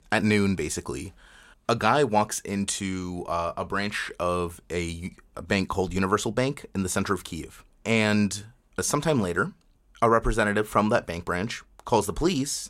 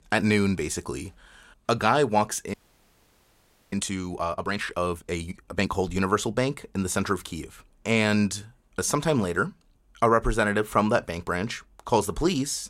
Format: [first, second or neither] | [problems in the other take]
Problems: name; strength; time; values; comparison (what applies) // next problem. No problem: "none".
first | audio freezing; at 2.5 s for 1 s